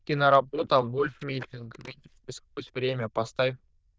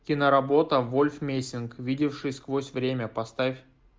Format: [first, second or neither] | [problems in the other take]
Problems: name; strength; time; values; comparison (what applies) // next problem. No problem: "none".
second | noise reduction (neural diffusion model UNIVERSE++)